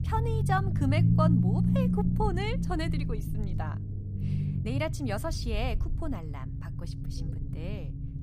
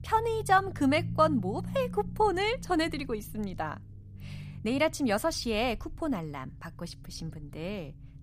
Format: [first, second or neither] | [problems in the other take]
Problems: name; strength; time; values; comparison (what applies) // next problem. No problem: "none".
second | low rumble; loud; throughout; 6 dB below the speech; faint in the second